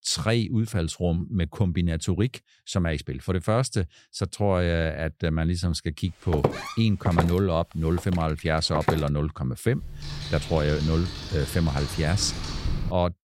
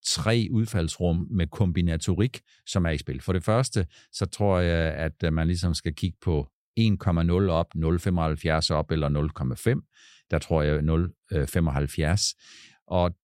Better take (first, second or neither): second